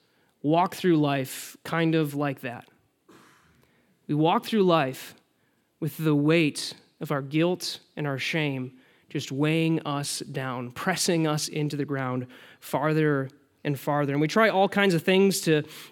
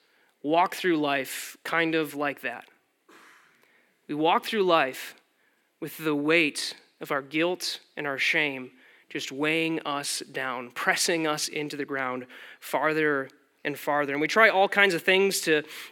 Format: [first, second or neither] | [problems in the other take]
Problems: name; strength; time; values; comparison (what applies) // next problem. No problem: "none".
first | thin; somewhat; fading below 350 Hz